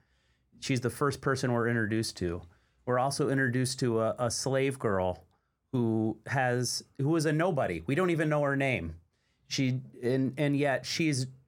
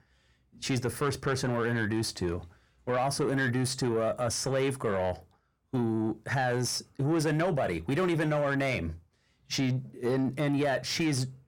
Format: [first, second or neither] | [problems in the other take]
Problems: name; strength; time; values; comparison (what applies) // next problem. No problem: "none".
first | distortion; slight; 10 dB below the speech